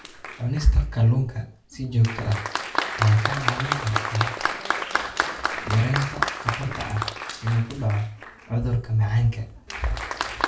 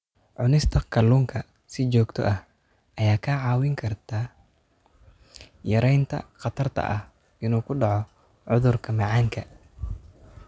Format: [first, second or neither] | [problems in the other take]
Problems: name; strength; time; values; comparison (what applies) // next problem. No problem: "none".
second | background sound (Applause); 5 dB below the speech // room echo; dies away in 0.3 s